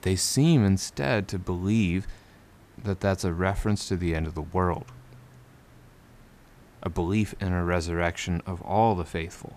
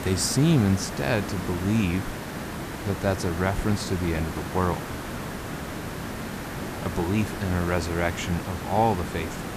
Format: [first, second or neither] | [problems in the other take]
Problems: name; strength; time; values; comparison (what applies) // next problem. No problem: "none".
first | hiss; loud; throughout; 7 dB below the speech; faint in the first